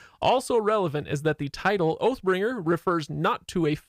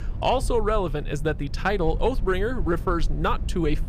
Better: first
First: none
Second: low rumble; faint; throughout; 20 dB below the speech

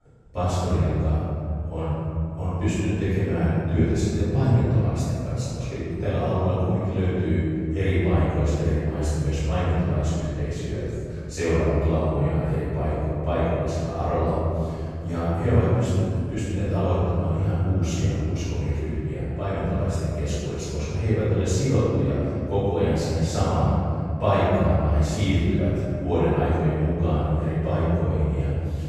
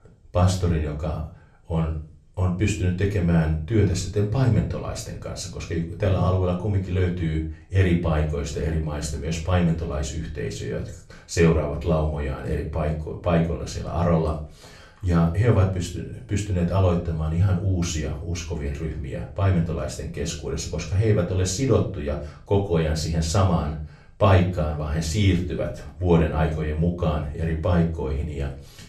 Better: second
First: room echo; strong; dies away in 3 s // off-mic speech; far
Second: room echo; slight; dies away in 0.3 s // off-mic speech; far

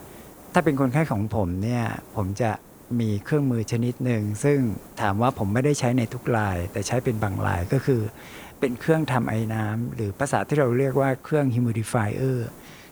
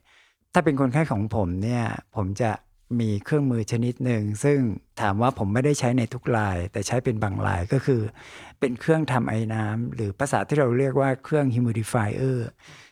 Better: second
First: hiss; faint; throughout; 20 dB below the speech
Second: none

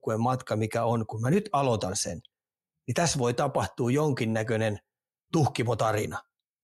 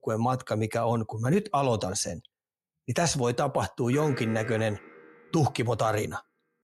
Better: first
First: none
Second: alarm; faint; from 4 to 5.5 s; peak 10 dB below the speech

